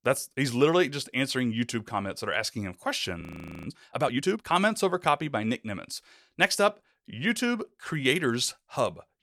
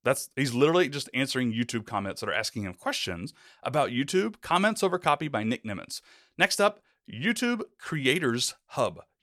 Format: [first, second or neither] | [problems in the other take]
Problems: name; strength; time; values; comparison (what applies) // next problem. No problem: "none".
second | audio freezing; at 3 s